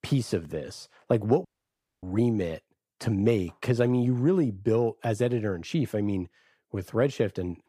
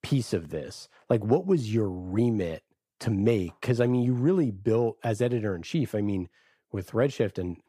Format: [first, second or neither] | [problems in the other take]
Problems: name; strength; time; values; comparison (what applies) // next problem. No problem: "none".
second | audio cutting out; at 1.5 s for 0.5 s